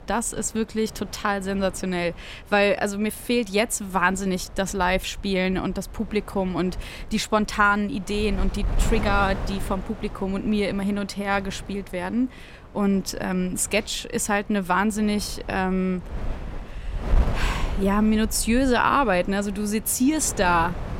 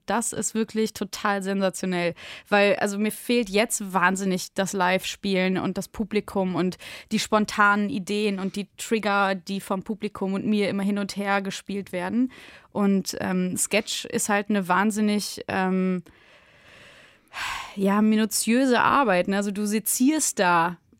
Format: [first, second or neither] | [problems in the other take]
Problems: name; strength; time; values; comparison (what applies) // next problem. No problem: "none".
second | wind noise on the microphone; occasional gusts; 15 dB below the speech